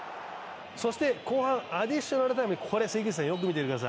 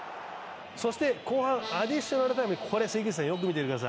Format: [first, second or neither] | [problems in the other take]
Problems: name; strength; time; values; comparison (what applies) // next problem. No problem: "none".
first | background sound (Accordion); 12 dB below the speech